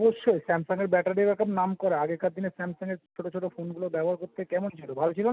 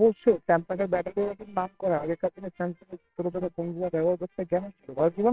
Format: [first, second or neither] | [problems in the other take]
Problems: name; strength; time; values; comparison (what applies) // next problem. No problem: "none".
first | noise reduction (neural separator model SepFormer WHAMR!)